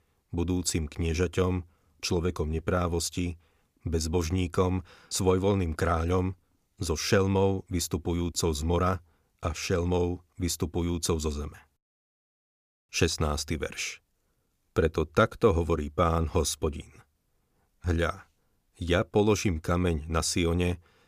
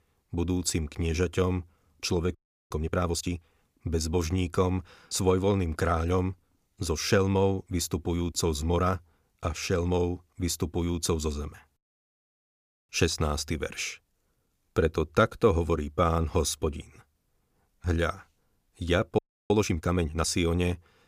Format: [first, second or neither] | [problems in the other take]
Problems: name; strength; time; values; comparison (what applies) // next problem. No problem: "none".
first | audio freezing; at 2.5 s and at 19 s